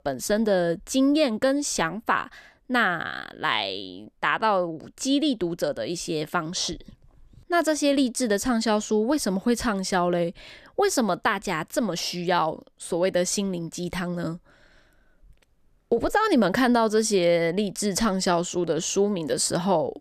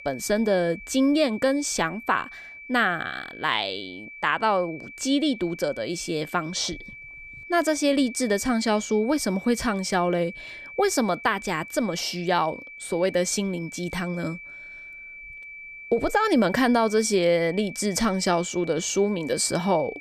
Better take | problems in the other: first | high-pitched whine; noticeable; throughout; 2.5 kHz, 15 dB below the speech

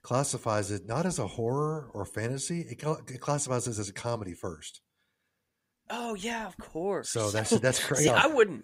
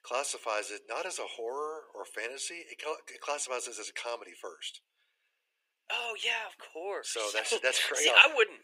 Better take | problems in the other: first | thin; very; fading below 400 Hz

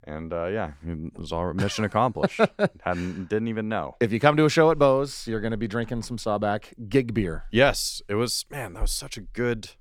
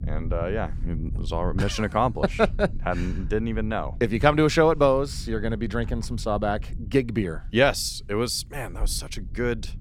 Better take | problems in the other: first | low rumble; faint; throughout; 25 dB below the speech

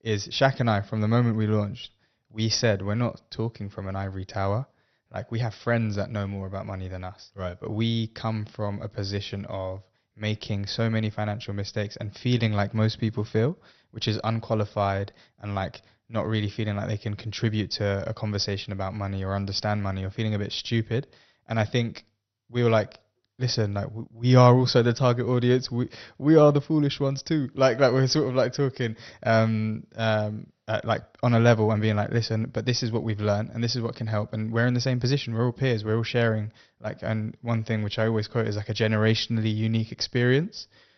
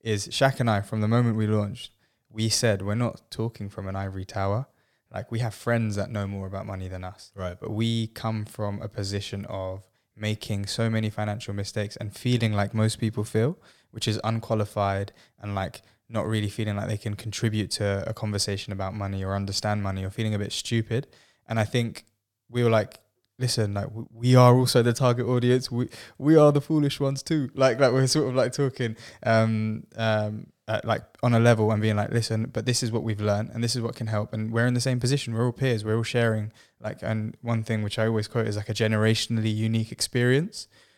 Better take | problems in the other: second | garbled, watery; slightly; nothing above 6 kHz

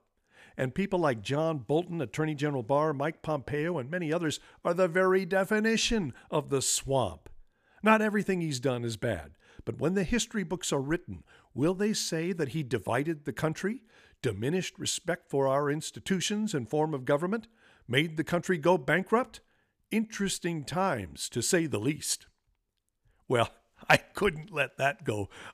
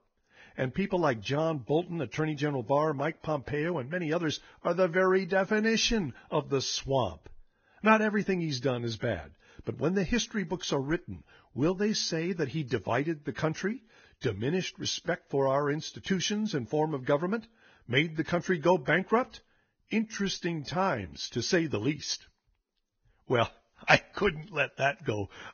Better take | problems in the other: first | garbled, watery; badly; nothing above 6.5 kHz

